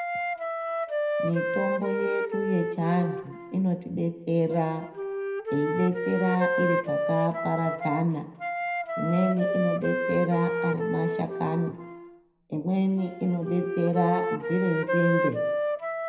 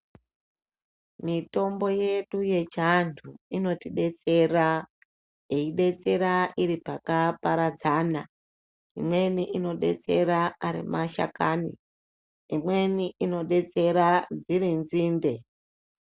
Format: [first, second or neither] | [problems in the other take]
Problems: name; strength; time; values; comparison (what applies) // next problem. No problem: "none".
second | background sound (Wind instrument, woodwind instrument); 2 dB below the speech // room echo; dies away in 0.7 s